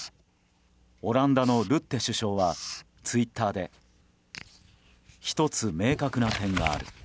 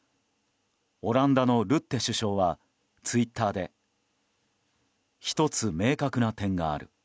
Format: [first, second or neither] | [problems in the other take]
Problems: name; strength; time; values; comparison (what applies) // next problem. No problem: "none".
second | background sound (Writing); 12 dB below the speech